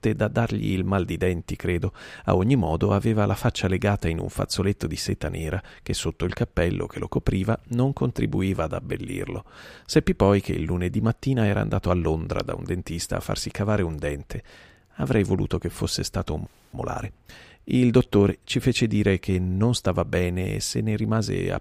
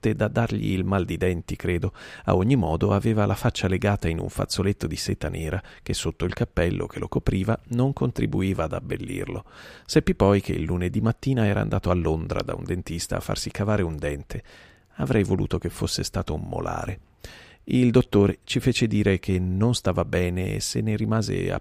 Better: second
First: audio freezing; at 16 s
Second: none

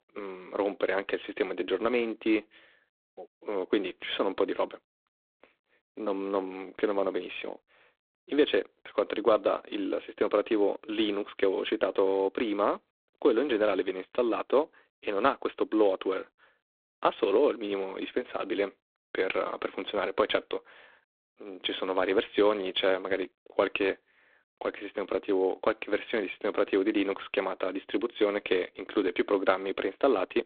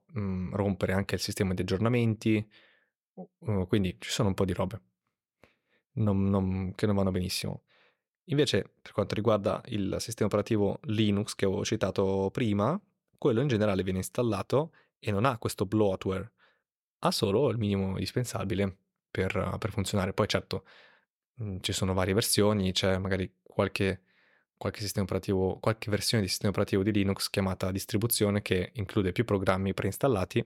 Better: second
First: phone-call audio; poor line; nothing above 3.5 kHz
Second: none

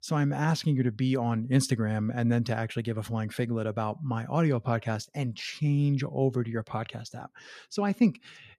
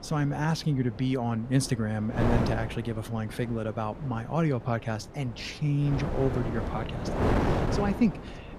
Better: first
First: none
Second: wind noise on the microphone; heavy; as loud as the speech

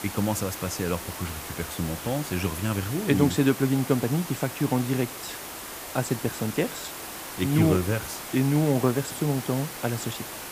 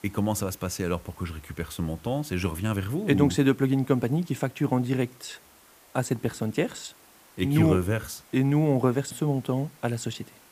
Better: second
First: hiss; loud; throughout; 9 dB below the speech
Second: hiss; faint; throughout; 25 dB below the speech

